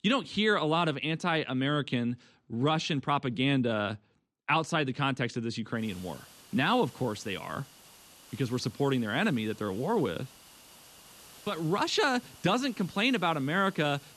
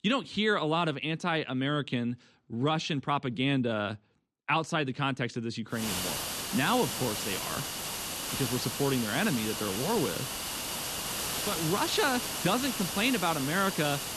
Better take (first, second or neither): first